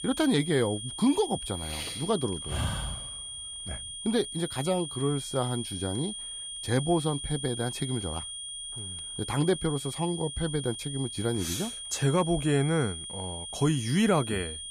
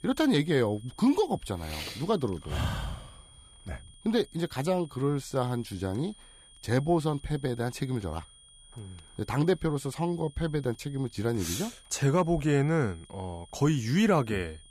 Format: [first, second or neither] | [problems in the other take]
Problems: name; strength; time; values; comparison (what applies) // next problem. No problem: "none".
second | high-pitched whine; loud; throughout; 3.5 kHz, 7 dB below the speech; faint in the second